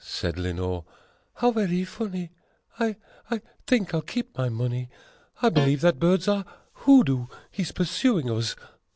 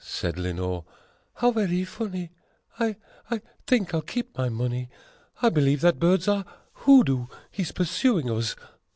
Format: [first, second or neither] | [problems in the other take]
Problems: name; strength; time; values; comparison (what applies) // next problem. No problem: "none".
second | background sound (Guitar); 5 dB below the speech